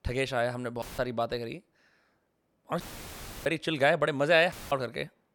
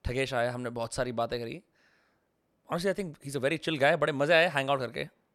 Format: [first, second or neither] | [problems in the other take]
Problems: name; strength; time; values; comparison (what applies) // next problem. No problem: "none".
second | audio cutting out; filled with static; at 1 s, at 3 s for 0.5 s and at 4.5 s